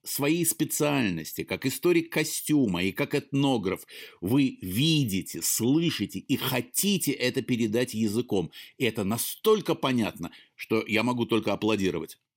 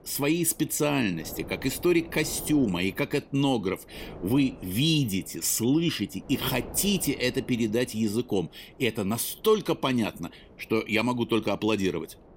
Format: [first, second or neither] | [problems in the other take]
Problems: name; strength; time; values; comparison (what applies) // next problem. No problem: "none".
first | wind noise on the microphone; occasional gusts; 20 dB below the speech